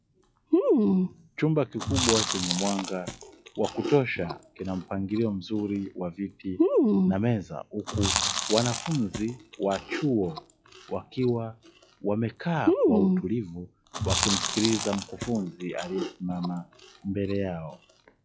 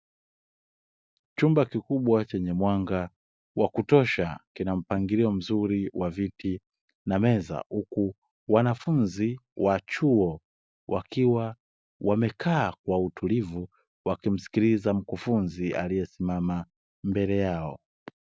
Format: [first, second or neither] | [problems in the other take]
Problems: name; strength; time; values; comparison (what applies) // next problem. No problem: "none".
second | noise reduction (classical method log-MMSE)